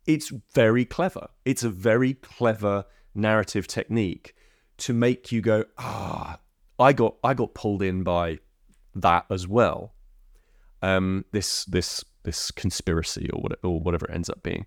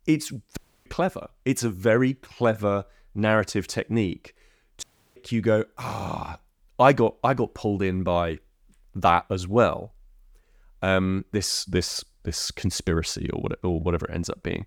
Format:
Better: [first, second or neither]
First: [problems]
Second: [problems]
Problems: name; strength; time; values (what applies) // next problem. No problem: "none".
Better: first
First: none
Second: audio cutting out; at 0.5 s and at 5 s